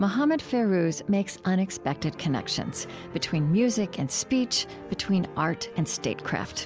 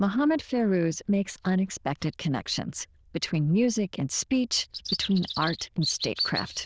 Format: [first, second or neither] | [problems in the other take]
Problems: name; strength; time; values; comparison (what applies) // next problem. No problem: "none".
first | noise reduction (neural diffusion model UNIVERSE++)